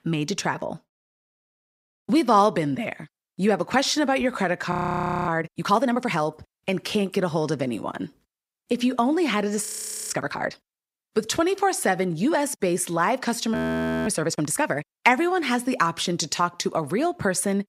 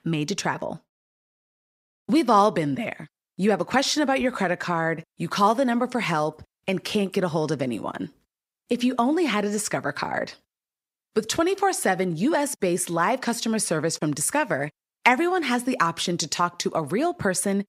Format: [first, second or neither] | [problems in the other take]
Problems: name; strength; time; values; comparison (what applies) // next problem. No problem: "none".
second | audio freezing; at 4.5 s for 0.5 s, at 9.5 s and at 14 s for 0.5 s